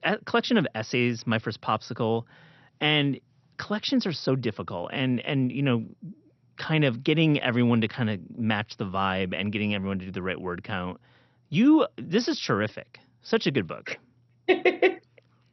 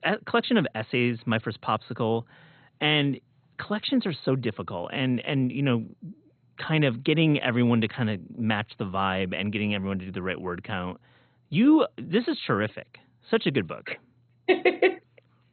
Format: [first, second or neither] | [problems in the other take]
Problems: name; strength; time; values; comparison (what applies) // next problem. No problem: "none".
first | garbled, watery; badly; nothing above 4 kHz; slightly in the first